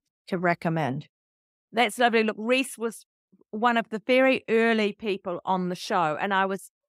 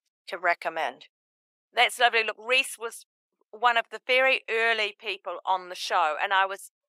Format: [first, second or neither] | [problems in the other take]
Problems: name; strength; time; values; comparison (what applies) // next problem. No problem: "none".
first | thin; very; fading below 600 Hz